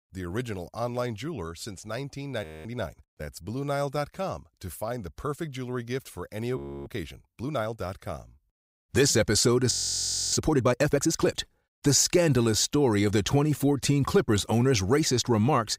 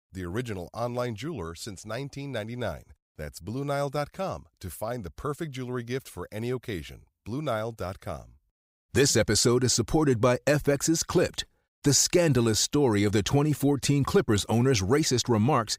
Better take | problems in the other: second | audio freezing; at 2.5 s, at 6.5 s and at 9.5 s for 0.5 s

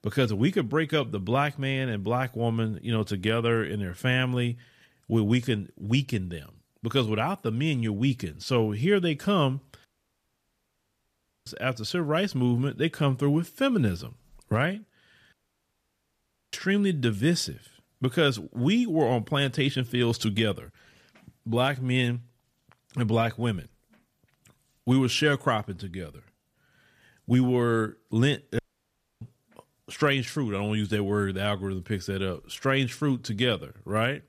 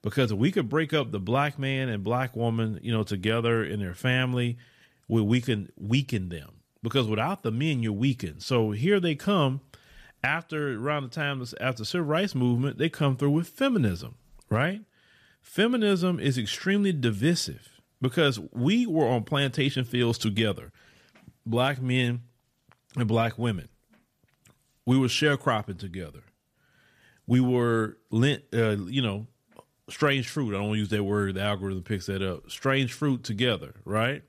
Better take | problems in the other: second | audio cutting out; at 10 s for 1.5 s, at 15 s for 1 s and at 29 s for 0.5 s

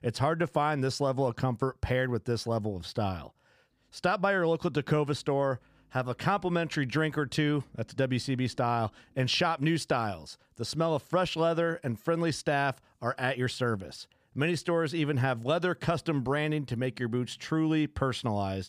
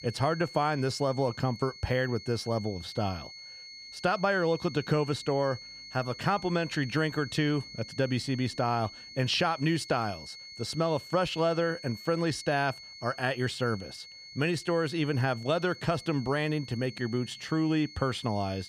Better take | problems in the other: first | high-pitched whine; noticeable; throughout; 4.5 kHz, 15 dB below the speech

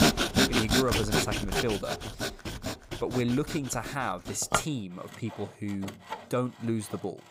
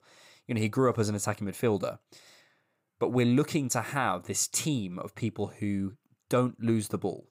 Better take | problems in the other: second | machinery noise; very loud; throughout; 3 dB above the speech

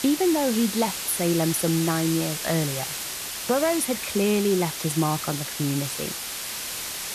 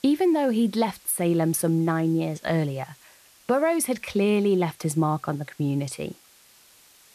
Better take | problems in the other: second | hiss; loud; throughout; 4 dB below the speech; faint in the second

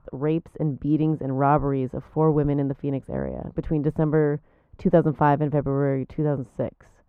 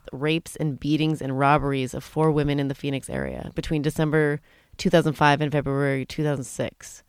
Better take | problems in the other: second | muffled; very; fading above 2 kHz

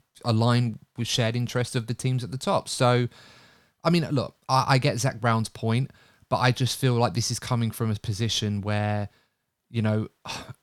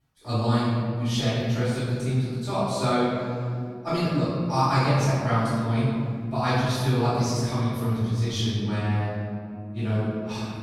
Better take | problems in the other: first | off-mic speech; far // room echo; strong; dies away in 2.4 s

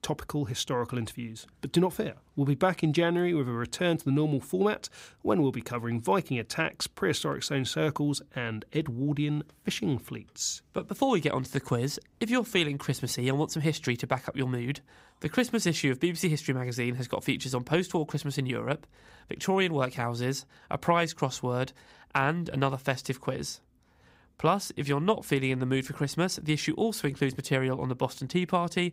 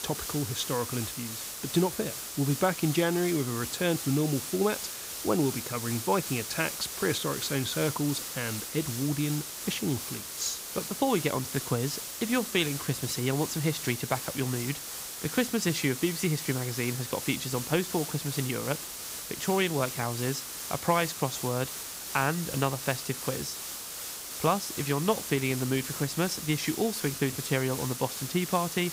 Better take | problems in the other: first | hiss; loud; throughout; 5 dB below the speech

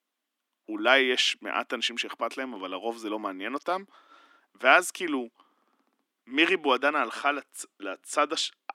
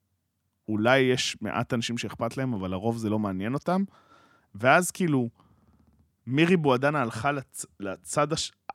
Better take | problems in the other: second | thin; somewhat; fading below 300 Hz

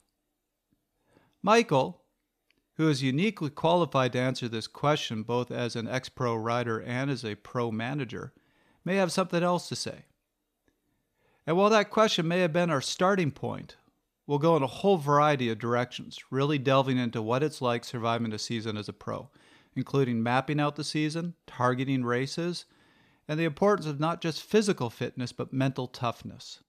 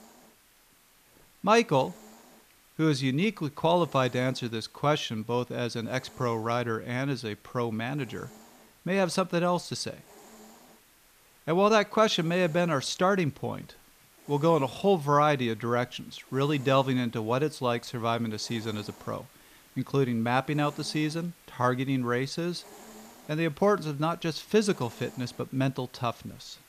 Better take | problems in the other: first | hiss; faint; throughout; 25 dB below the speech

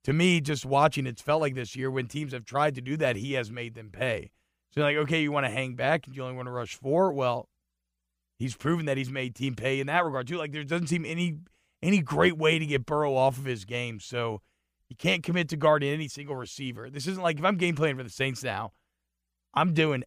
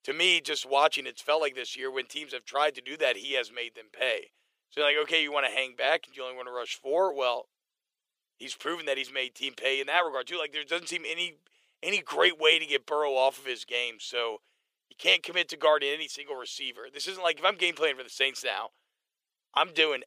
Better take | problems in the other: first | thin; very; fading below 400 Hz

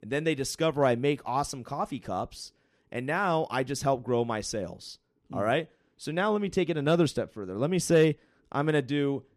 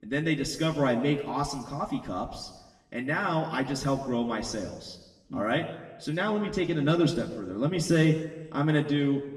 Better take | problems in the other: first | room echo; slight; dies away in 1 s // off-mic speech; far

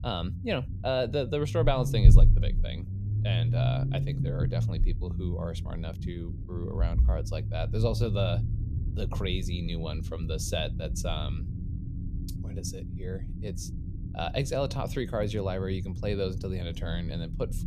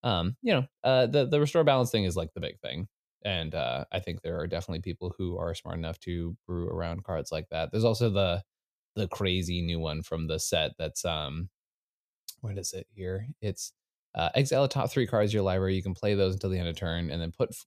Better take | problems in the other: second | low rumble; noticeable; throughout; 10 dB below the speech

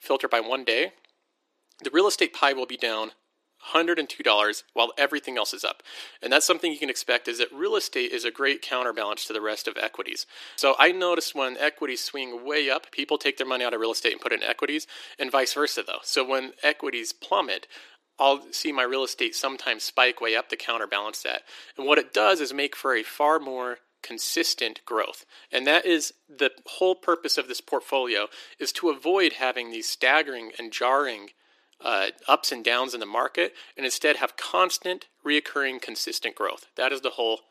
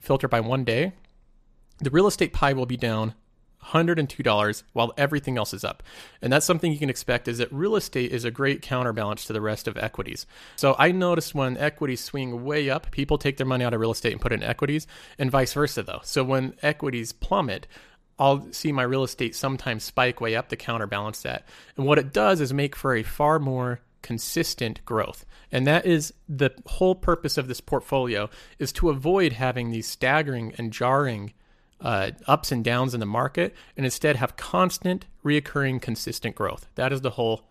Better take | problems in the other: second | thin; somewhat; fading below 300 Hz

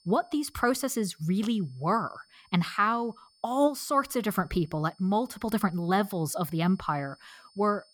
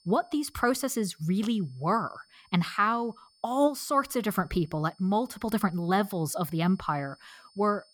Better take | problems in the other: neither | high-pitched whine; faint; throughout; 5 kHz, 30 dB below the speech; the same in both

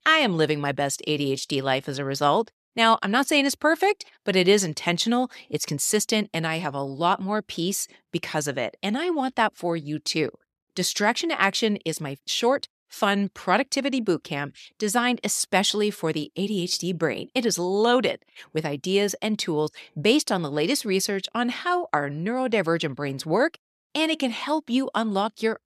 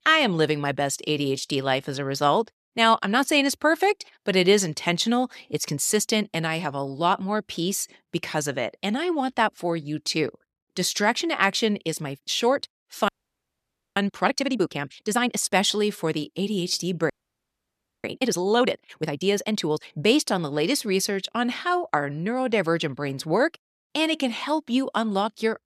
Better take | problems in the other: first | audio freezing; at 13 s for 1 s and at 17 s for 1 s

